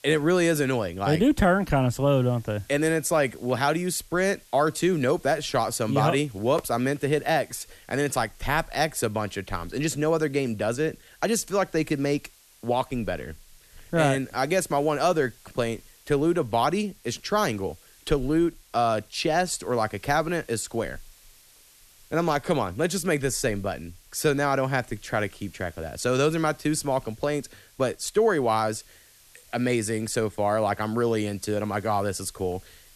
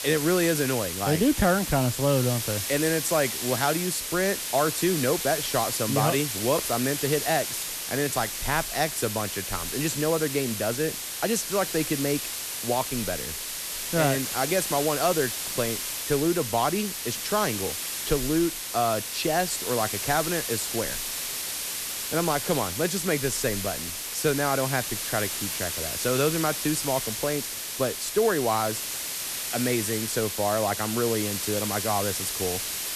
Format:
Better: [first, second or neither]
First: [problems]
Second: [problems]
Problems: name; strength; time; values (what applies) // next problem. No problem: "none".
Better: first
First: hiss; faint; throughout; 25 dB below the speech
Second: hiss; loud; throughout; 2 dB below the speech